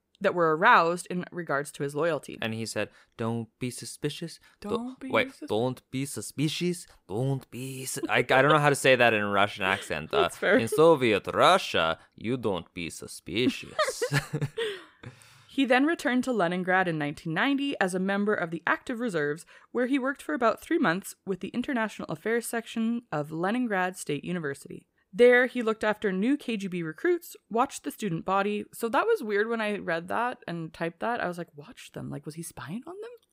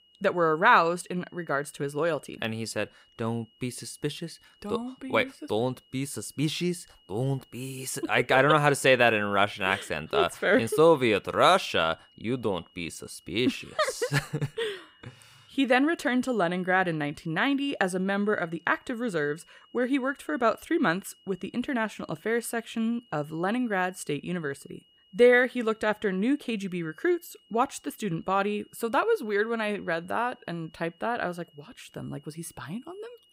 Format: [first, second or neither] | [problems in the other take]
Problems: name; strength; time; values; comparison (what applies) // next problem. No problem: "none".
first | high-pitched whine; faint; throughout; 3 kHz, 30 dB below the speech